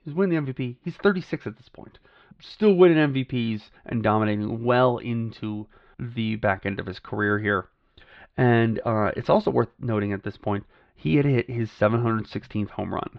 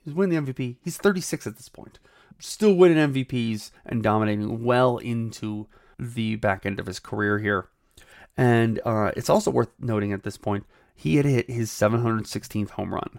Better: second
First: muffled; slightly; fading above 4 kHz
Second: none

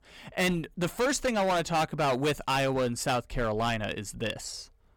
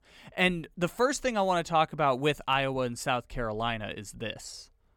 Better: second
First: distortion; heavy; 12% of the sound clipped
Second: none

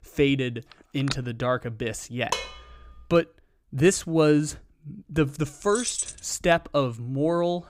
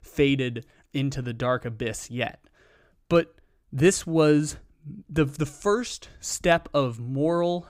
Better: second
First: phone ringing; noticeable; at 1 s; peak 9 dB below the speech // clattering dishes; noticeable; at 2.5 s; peak 5 dB below the speech // jangling keys; noticeable; at 5.5 s; peak 3 dB below the speech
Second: none

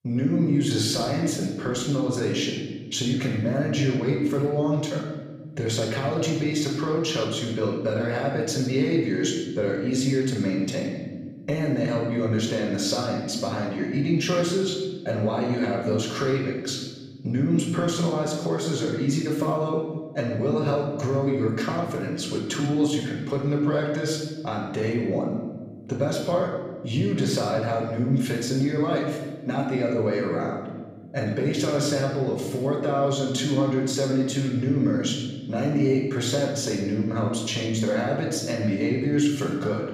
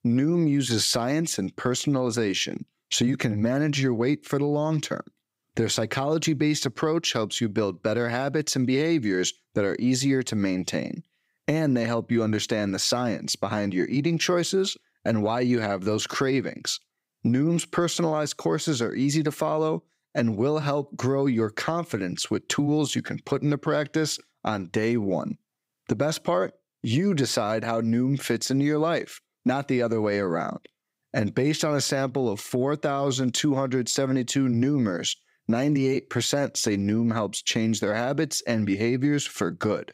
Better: second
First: off-mic speech; far // room echo; noticeable; dies away in 1.4 s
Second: none

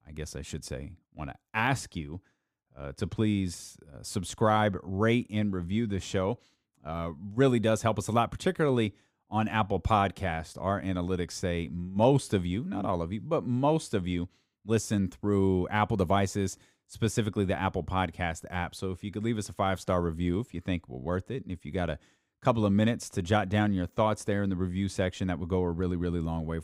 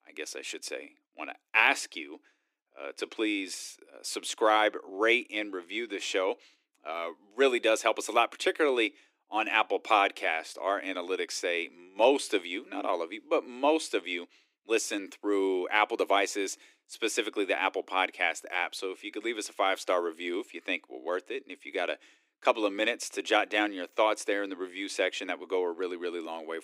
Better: first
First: none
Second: thin; very; fading below 300 Hz

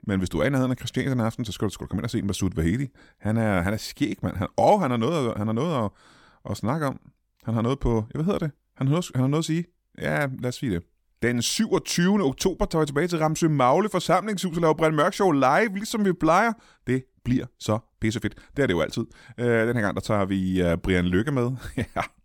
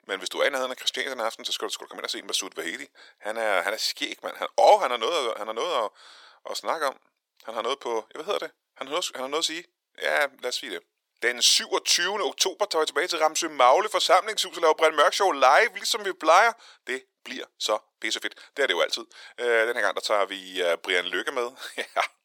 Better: first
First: none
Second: thin; very; fading below 450 Hz

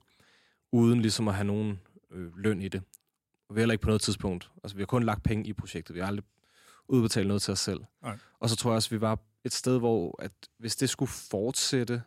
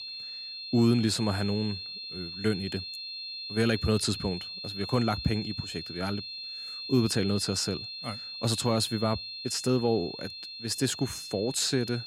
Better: first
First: none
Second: high-pitched whine; loud; throughout; 4 kHz, 8 dB below the speech

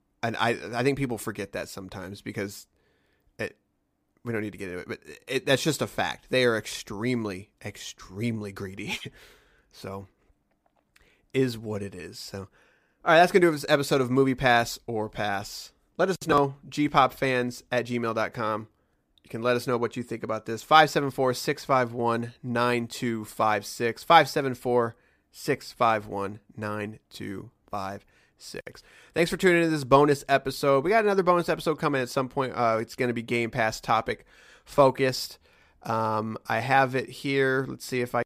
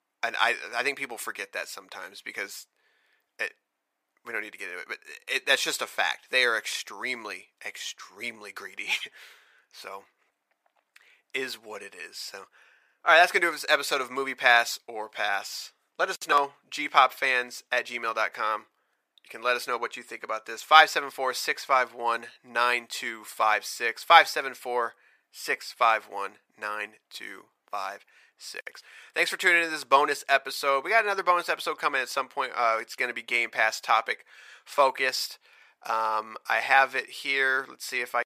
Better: first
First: none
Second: thin; very; fading below 750 Hz

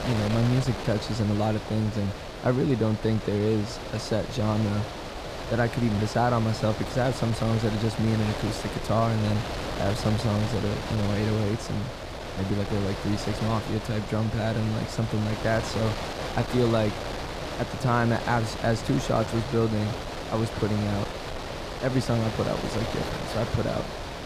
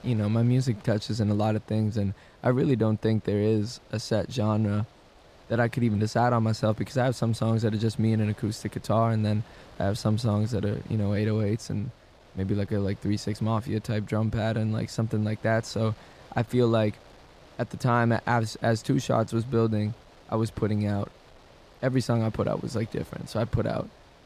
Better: second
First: wind noise on the microphone; heavy; 4 dB below the speech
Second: wind noise on the microphone; occasional gusts; 25 dB below the speech

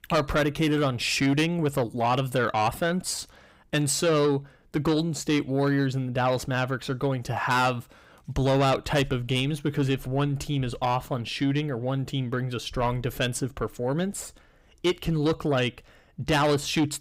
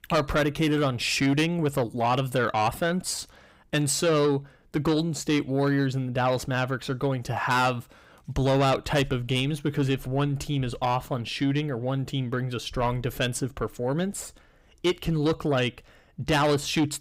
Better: neither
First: distortion; slight; 10 dB below the speech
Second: distortion; slight; 10 dB below the speech

